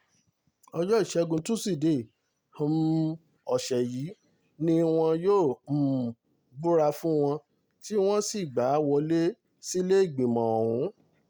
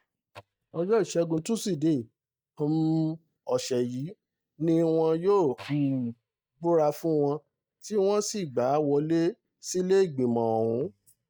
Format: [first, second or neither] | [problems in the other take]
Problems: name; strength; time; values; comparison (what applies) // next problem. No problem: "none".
first | noise reduction (neural mask model DeepFilterNet 3)